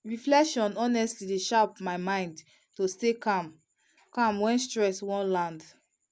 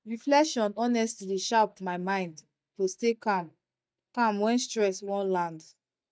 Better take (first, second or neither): first